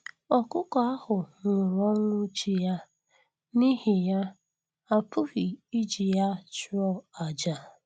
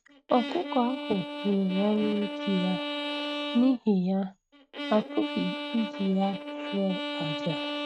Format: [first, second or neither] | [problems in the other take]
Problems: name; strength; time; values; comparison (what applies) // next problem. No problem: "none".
first | noise reduction (neural mask model RNNoise)